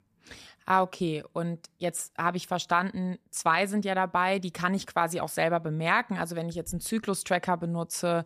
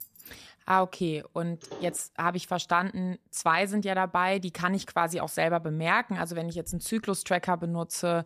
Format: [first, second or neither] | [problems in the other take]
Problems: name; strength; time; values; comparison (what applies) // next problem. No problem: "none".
first | jangling keys; faint; at the start; peak 15 dB below the speech // door banging; faint; at 1.5 s; peak 15 dB below the speech